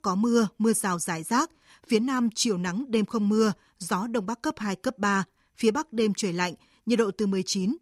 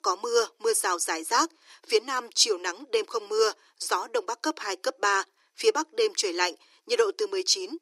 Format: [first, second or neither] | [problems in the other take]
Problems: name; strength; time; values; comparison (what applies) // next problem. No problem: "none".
first | thin; very; fading below 300 Hz